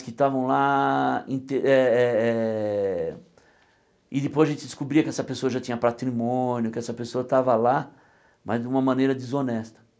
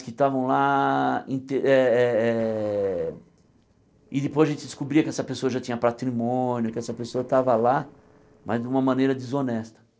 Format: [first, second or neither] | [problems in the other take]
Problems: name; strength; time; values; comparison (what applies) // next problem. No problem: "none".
first | noise reduction (neural separator model SepFormer DNS4)